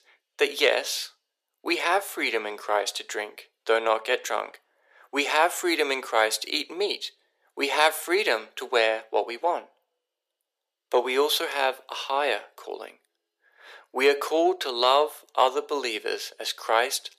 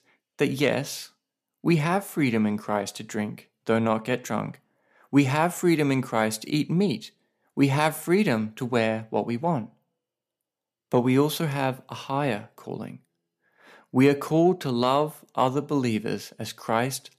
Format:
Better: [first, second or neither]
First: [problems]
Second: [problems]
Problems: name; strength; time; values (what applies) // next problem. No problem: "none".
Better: second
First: thin; very; fading below 400 Hz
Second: none